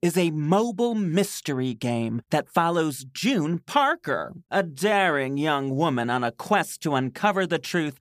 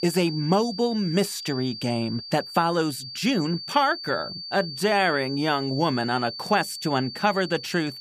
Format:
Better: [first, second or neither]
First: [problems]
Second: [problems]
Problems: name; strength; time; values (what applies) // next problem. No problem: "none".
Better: first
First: none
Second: high-pitched whine; loud; throughout; 4.5 kHz, 9 dB below the speech